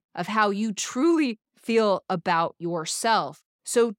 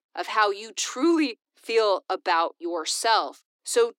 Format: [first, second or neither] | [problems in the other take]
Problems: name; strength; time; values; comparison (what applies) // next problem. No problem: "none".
first | thin; somewhat; fading below 300 Hz